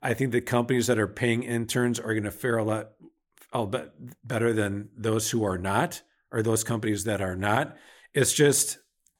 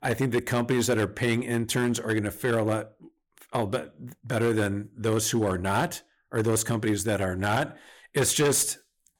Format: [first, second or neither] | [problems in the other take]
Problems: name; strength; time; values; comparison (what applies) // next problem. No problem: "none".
first | distortion; slight; 6% of the sound clipped